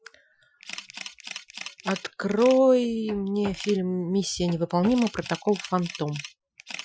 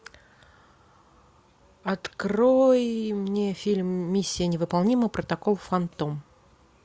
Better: second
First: noise reduction (classical method Wiener filter)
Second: none

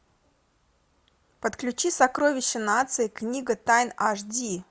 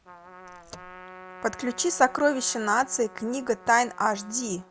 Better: first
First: none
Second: background sound (Trumpet + Car); 19 dB below the speech

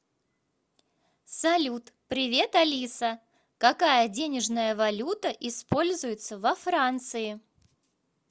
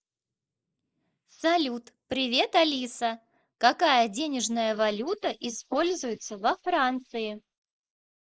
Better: first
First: none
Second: noise reduction (neural mask model Resemble Enhance denoiser)

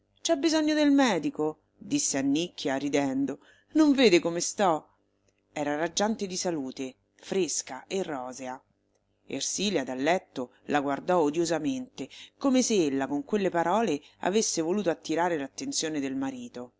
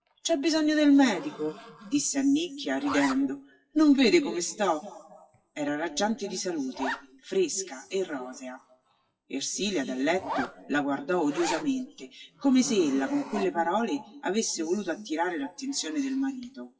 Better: first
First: none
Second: noise reduction (classical method WPE with log-MMSE)

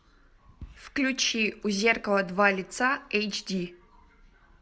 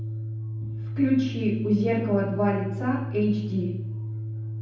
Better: first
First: none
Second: background sound (Organ); 5 dB below the speech // room echo; dies away in 0.9 s

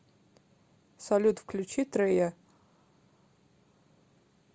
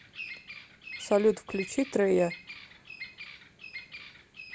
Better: first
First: none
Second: background sound (Bird vocalization, bird call, bird song); 13 dB below the speech

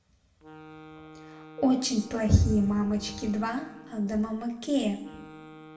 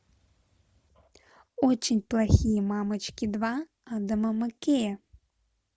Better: second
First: background sound (Wind instrument, woodwind instrument); 20 dB below the speech // room echo; dies away in 0.7 s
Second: none

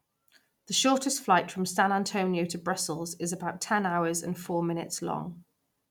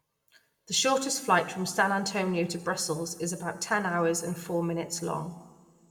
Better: first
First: none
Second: room echo; dies away in 1.2 s

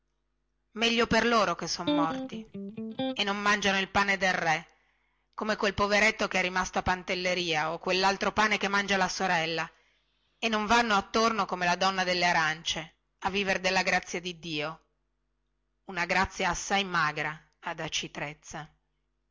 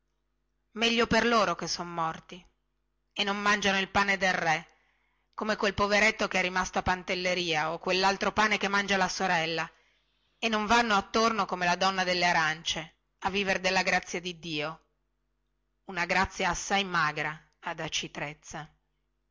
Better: second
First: background sound (Electric guitar); 4 dB below the speech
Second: none

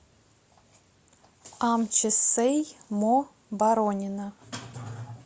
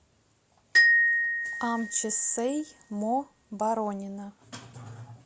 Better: first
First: none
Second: background sound (Glockenspiel); 5 dB above the speech

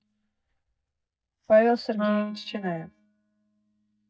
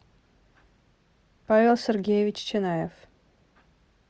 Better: second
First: noise reduction (neural mask model DeepFilterNet 3)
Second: none

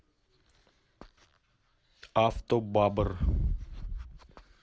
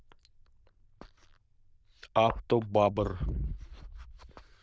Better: first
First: none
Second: noise reduction (neural diffusion model UNIVERSE++)

